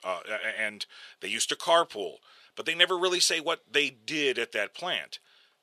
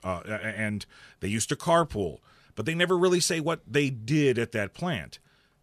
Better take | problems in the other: second | thin; very; fading below 550 Hz

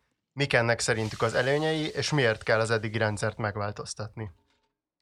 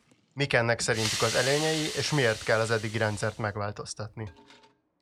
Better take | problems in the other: first | household noises; loud; throughout; 4 dB below the speech; faint in the first

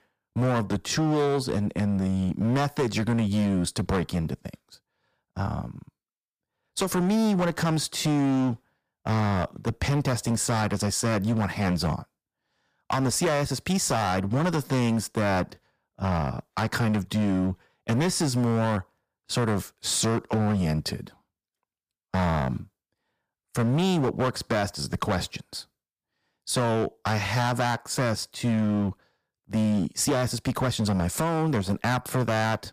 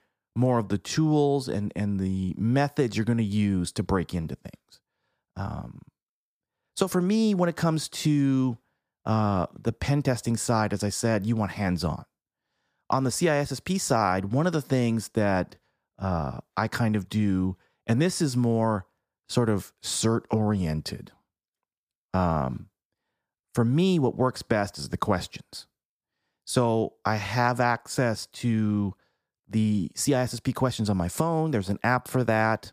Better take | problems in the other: second | distortion; heavy; 14% of the sound clipped

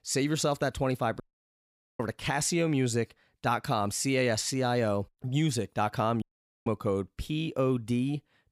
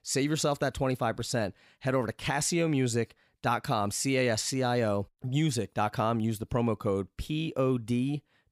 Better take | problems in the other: second | audio cutting out; at 1 s for 1 s and at 6 s

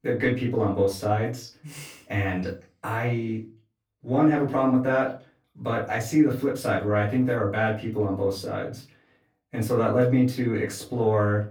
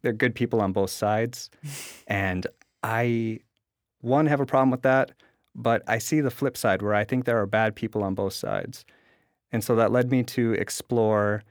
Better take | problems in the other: second | room echo; slight; dies away in 0.3 s // off-mic speech; far

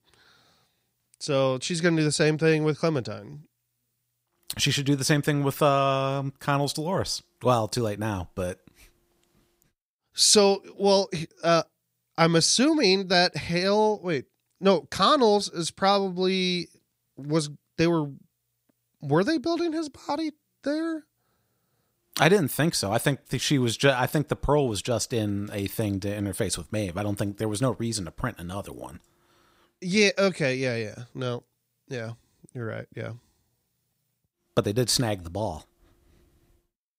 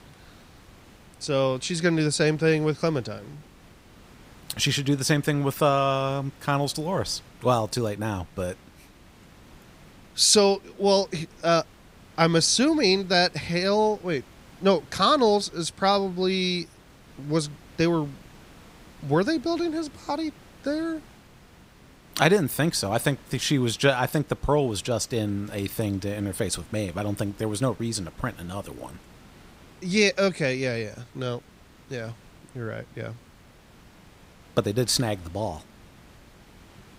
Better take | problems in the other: first | hiss; faint; throughout; 25 dB below the speech

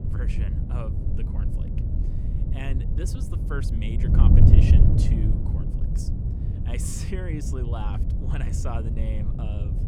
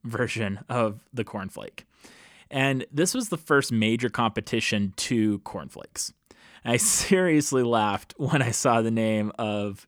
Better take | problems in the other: second | wind noise on the microphone; heavy; 2 dB above the speech

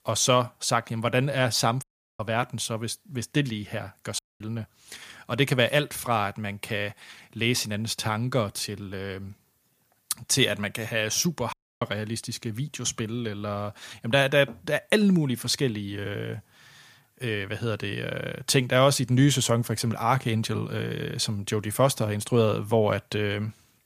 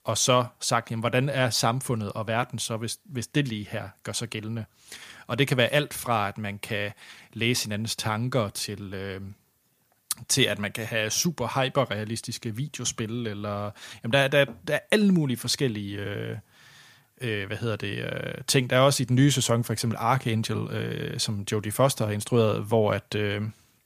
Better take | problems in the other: second | audio cutting out; at 2 s, at 4 s and at 12 s

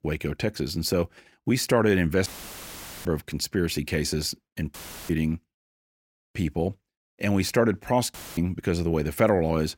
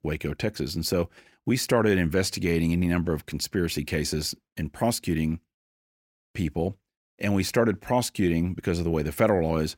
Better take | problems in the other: second | audio cutting out; filled with static; at 2.5 s for 1 s, at 4.5 s and at 8 s

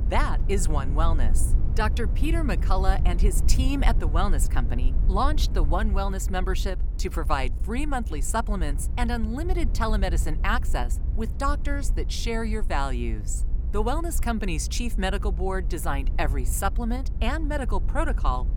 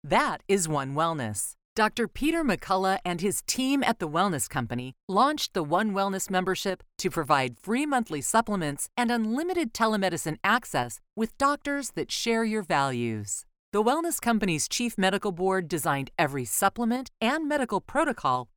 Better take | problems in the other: second | low rumble; noticeable; throughout; 15 dB below the speech

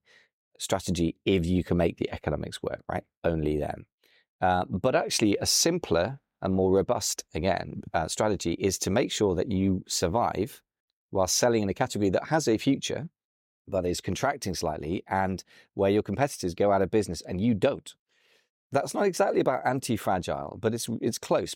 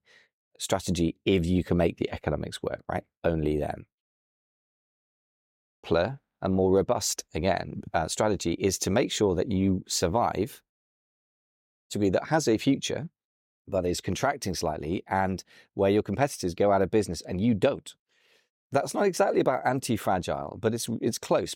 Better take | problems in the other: first | audio cutting out; at 4 s for 2 s and at 11 s for 1 s

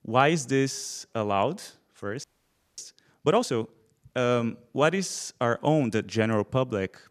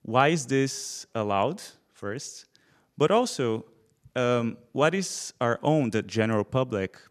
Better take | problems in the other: second | audio freezing; at 2 s for 0.5 s

